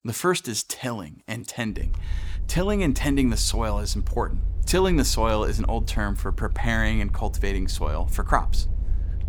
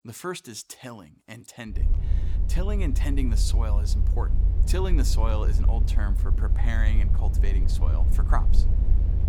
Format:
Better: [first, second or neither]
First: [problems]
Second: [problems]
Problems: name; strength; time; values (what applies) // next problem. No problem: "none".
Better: first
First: low rumble; faint; from 2 s on; 20 dB below the speech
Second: low rumble; loud; from 2 s on; 7 dB below the speech